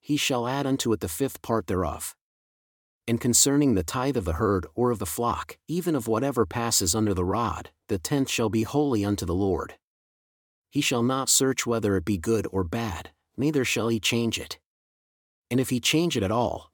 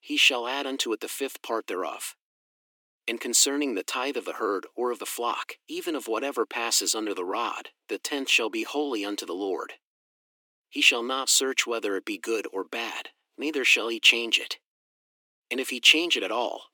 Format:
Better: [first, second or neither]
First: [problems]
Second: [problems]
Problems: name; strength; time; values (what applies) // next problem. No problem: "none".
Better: first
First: none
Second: thin; somewhat; fading below 300 Hz